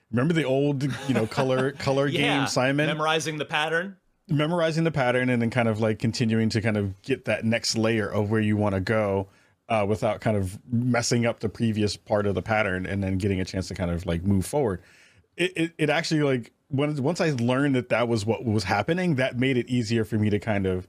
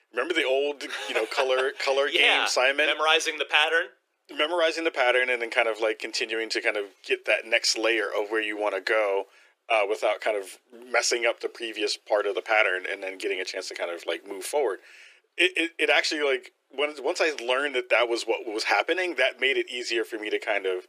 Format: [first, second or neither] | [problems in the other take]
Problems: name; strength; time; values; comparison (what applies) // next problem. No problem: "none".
first | thin; very; fading below 350 Hz